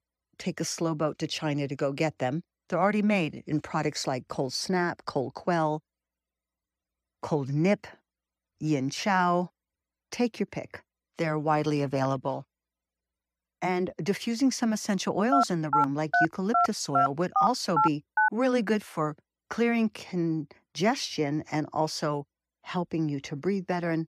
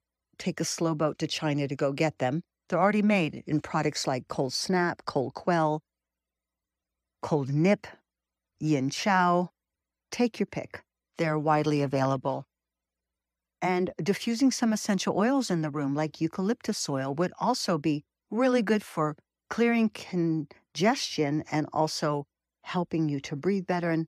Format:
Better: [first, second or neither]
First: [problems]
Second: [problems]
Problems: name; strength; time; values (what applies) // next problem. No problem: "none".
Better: second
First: phone ringing; loud; from 15 to 18 s; peak 3 dB above the speech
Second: none